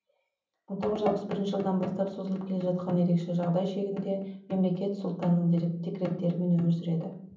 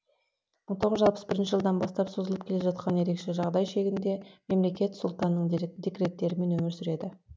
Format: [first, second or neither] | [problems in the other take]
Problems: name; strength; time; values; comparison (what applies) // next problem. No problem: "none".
second | room echo; dies away in 0.6 s